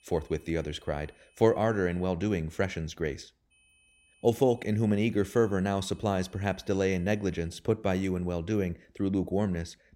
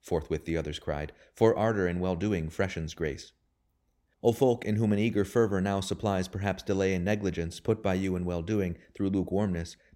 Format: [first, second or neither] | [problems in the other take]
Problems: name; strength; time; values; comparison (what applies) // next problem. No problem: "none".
second | high-pitched whine; faint; until 2 s and from 3.5 to 7.5 s; 2.5 kHz, 35 dB below the speech